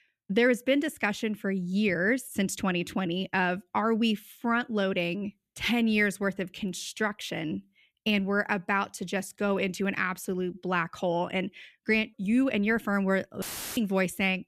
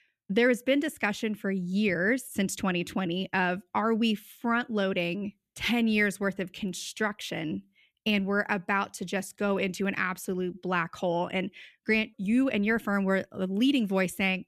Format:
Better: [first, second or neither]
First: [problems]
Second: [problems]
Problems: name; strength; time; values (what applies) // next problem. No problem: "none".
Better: second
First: audio cutting out; filled with static; at 13 s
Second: none